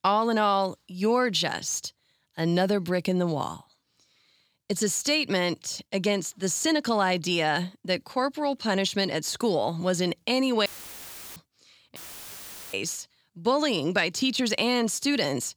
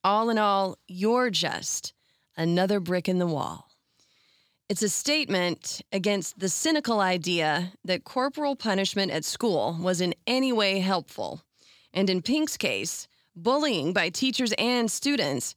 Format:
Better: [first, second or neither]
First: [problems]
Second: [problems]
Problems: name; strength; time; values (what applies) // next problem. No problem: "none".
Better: second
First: audio cutting out; filled with static; at 11 s for 0.5 s and at 12 s for 1 s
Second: none